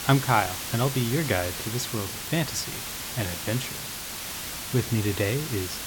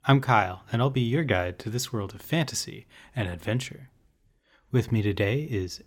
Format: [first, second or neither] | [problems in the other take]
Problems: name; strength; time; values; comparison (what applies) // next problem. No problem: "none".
second | hiss; loud; throughout; 4 dB below the speech